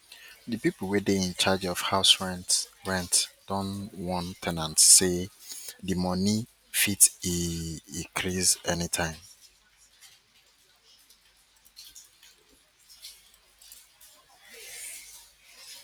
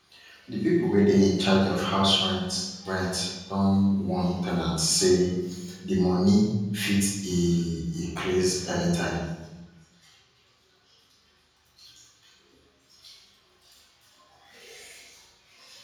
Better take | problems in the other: first | room echo; dies away in 1.3 s

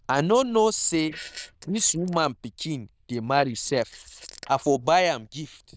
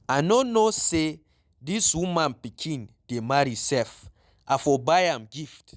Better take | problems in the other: second | noise reduction (neural diffusion model UNIVERSE++)

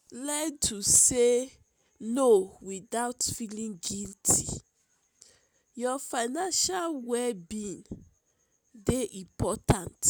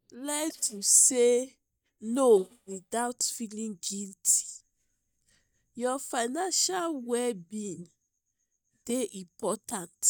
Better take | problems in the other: first | noise reduction (neural mask model DeepFilterNet 3)

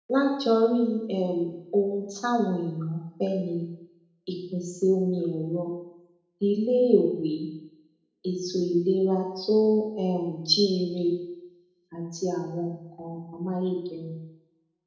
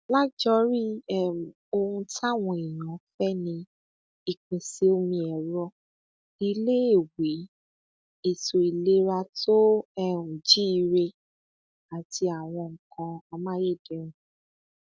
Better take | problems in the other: second | room echo; dies away in 0.8 s

